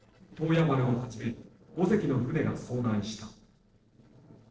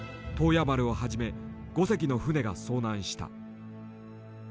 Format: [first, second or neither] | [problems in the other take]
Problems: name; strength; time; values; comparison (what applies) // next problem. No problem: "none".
second | noise reduction (neural separator model SepFormer DNS4)